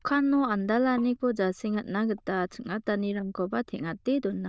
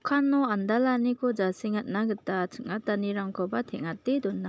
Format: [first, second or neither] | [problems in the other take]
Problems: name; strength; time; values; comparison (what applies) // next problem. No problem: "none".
second | noise reduction (neural diffusion model UNIVERSE++)